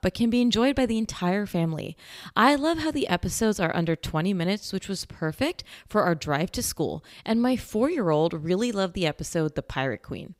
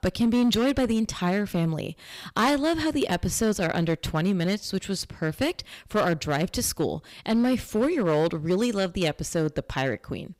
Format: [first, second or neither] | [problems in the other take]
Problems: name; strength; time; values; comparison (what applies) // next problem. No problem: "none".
first | distortion; slight; 6% of the sound clipped